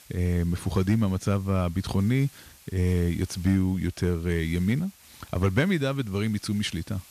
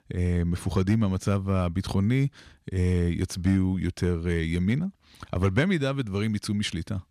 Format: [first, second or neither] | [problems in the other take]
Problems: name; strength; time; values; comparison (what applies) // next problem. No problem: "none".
second | hiss; faint; throughout; 25 dB below the speech